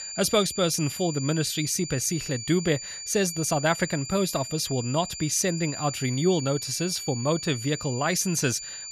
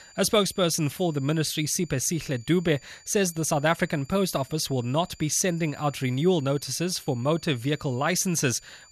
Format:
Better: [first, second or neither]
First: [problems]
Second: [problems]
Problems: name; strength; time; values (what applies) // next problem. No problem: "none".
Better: second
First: high-pitched whine; loud; throughout; 7 kHz, 8 dB below the speech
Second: high-pitched whine; faint; throughout; 7 kHz, 25 dB below the speech